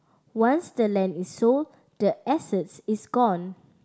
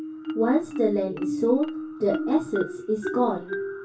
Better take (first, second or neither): first